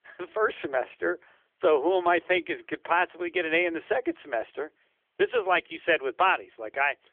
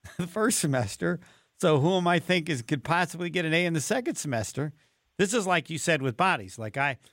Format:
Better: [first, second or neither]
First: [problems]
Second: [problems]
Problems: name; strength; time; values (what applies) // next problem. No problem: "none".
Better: second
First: phone-call audio; nothing above 3.5 kHz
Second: none